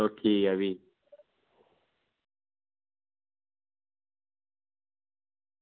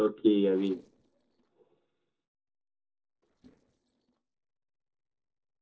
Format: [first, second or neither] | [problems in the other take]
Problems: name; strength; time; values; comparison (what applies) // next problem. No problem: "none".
first | noise reduction (neural separator model SepFormer DNS4)